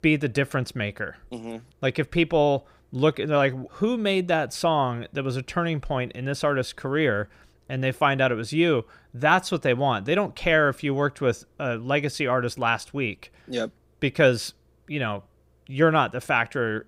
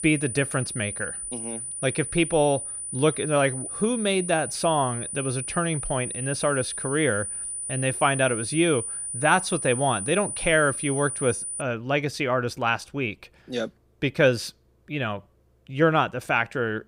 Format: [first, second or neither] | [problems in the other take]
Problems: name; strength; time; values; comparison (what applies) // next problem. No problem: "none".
first | high-pitched whine; loud; until 12 s; 9.5 kHz, 5 dB below the speech